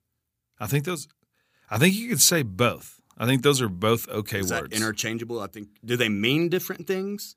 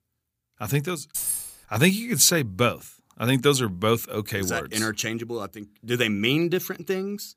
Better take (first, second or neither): first